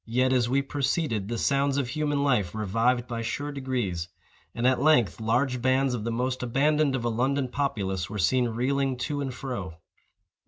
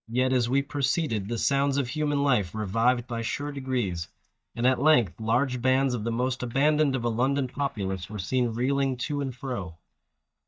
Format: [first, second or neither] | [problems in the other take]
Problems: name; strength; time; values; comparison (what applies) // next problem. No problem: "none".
first | noise reduction (neural mask model DeepFilterNet 3)